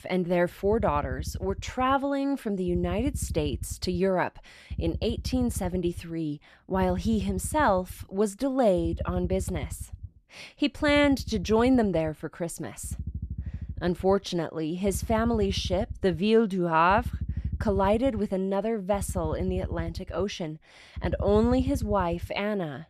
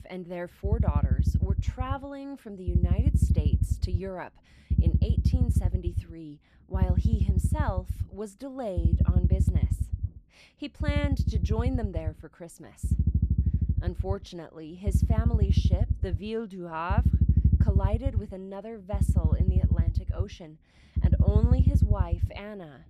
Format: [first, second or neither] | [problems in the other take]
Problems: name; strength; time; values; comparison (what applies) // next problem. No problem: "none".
first | low rumble; loud; throughout; 2 dB below the speech; faint in the first